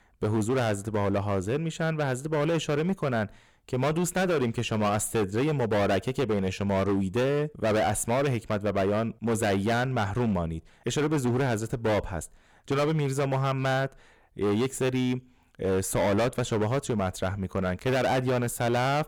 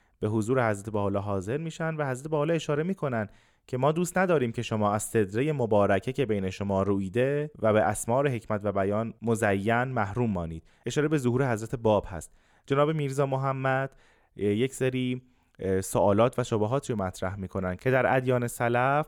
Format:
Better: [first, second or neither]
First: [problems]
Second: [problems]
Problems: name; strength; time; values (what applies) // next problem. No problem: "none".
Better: second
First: distortion; heavy; 18% of the sound clipped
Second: none